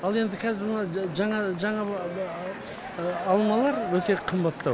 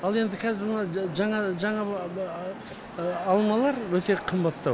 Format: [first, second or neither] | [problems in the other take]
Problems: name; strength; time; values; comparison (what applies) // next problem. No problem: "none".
second | background sound (Cheering); 12 dB below the speech